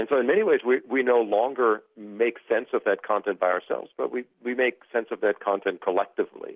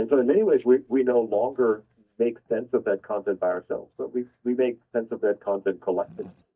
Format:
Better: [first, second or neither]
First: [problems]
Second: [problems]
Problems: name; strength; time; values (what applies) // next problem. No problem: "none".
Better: first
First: none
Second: noise reduction (neural mask model DeepFilterNet 3)